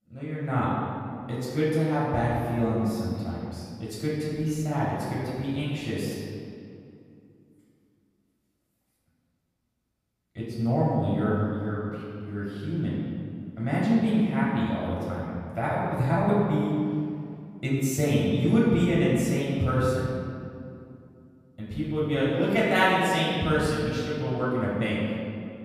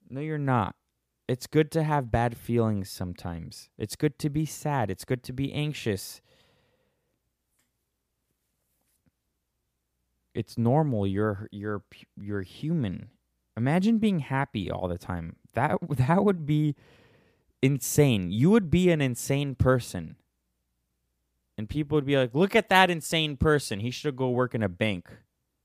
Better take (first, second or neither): second